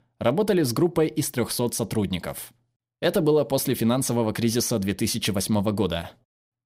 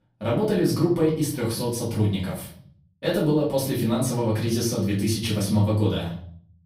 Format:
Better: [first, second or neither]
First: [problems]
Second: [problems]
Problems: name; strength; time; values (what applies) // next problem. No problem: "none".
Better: first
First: none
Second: room echo; noticeable; dies away in 0.6 s // off-mic speech; far